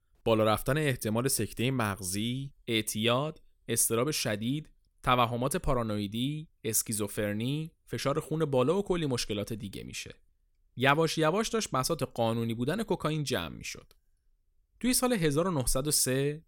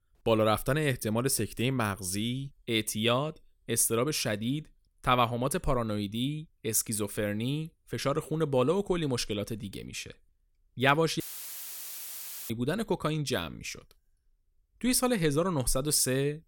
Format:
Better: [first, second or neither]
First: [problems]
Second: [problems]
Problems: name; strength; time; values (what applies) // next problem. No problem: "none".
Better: first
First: none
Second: audio cutting out; filled with static; at 11 s for 1.5 s